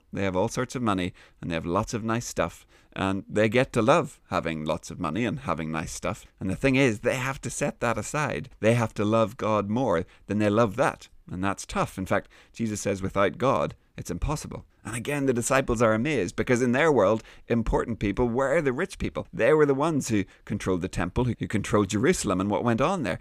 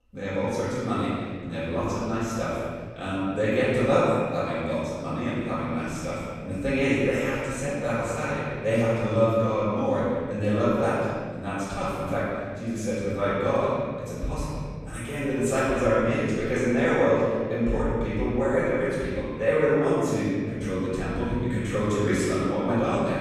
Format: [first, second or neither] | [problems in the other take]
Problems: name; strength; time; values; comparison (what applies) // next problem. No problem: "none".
first | room echo; strong; dies away in 1.8 s // off-mic speech; far